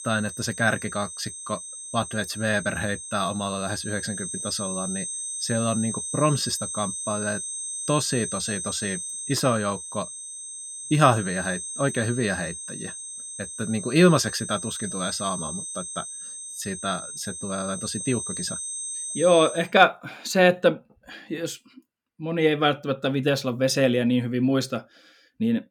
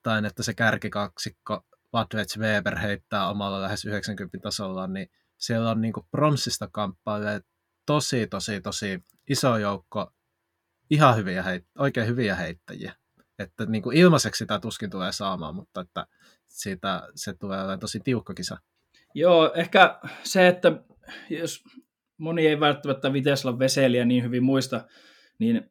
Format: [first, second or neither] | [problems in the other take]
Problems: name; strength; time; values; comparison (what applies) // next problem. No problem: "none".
second | high-pitched whine; loud; until 20 s; 8.5 kHz, 6 dB below the speech